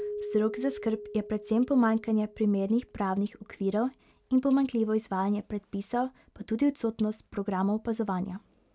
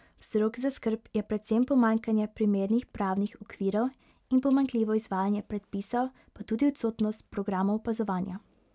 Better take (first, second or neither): second